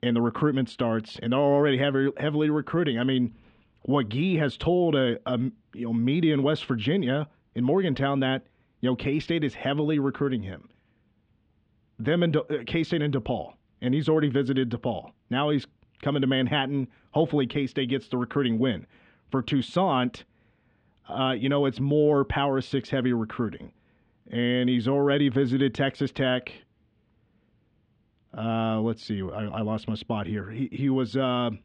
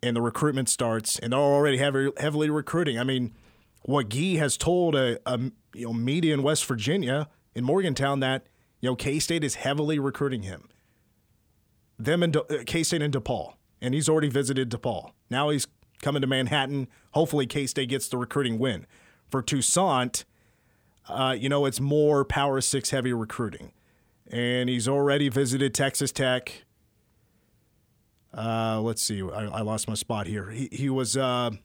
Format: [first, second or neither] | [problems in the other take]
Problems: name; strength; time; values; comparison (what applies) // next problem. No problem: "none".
second | muffled; very; fading above 3 kHz